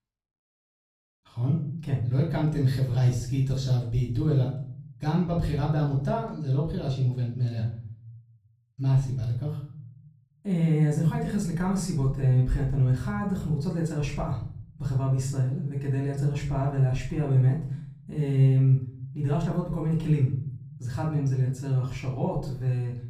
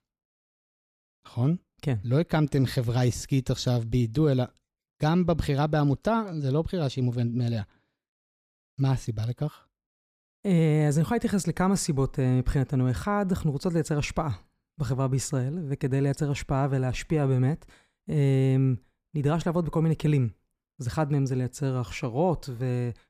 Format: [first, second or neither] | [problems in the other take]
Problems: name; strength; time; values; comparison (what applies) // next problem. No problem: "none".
second | off-mic speech; far // room echo; slight; dies away in 0.7 s